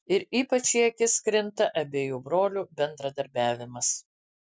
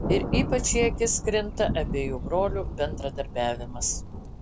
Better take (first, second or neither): first